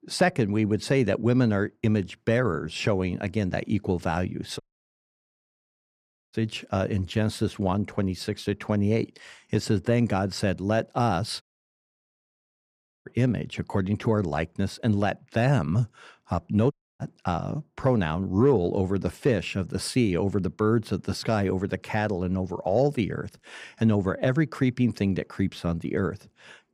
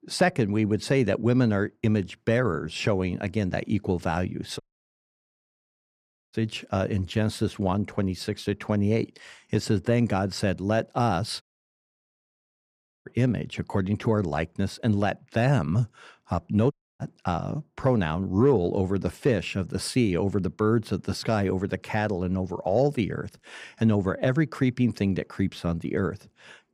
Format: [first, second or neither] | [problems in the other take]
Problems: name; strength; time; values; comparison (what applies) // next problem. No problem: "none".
neither | audio cutting out; at 4.5 s for 1.5 s, at 11 s for 1.5 s and at 17 s; the same in both